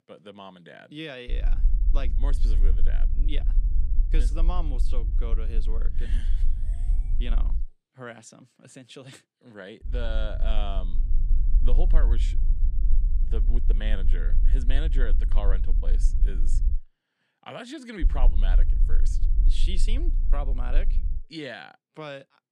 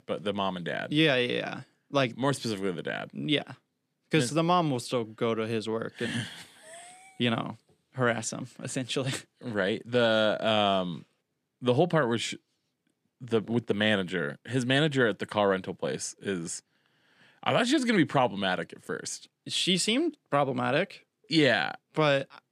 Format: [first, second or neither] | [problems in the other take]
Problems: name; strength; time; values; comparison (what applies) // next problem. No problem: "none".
second | low rumble; noticeable; from 1.5 to 7.5 s, from 10 to 17 s and from 18 to 21 s; 10 dB below the speech